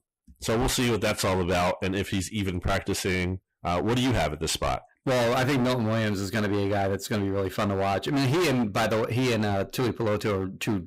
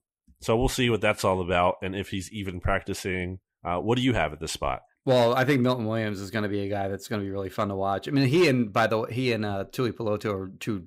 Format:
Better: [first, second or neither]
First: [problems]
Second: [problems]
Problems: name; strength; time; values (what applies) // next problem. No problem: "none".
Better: second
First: distortion; heavy; 25% of the sound clipped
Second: none